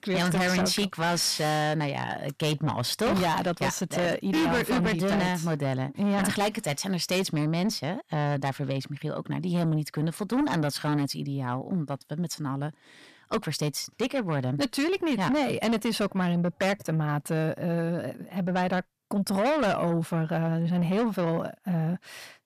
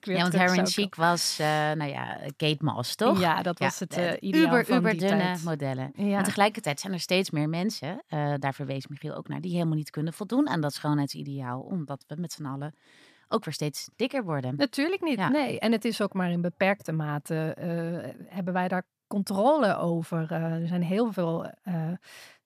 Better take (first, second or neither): second